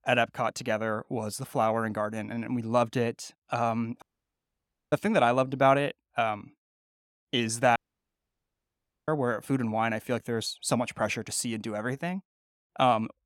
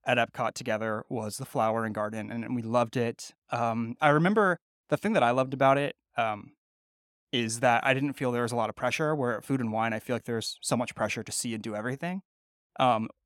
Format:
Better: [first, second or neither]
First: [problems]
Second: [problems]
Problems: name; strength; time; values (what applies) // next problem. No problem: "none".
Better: second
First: audio cutting out; at 4 s for 1 s and at 8 s for 1.5 s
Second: none